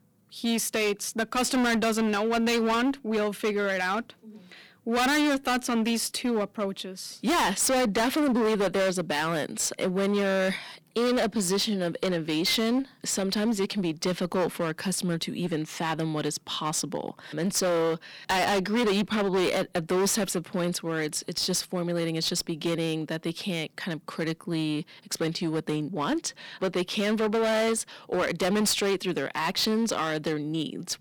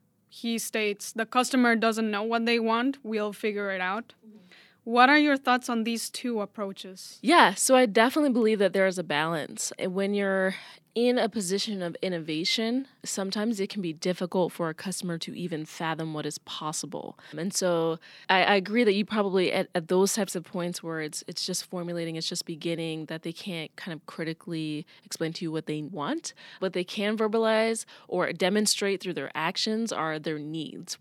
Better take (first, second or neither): second